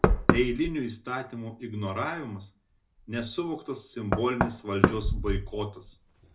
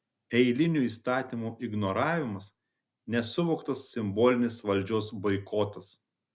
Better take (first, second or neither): second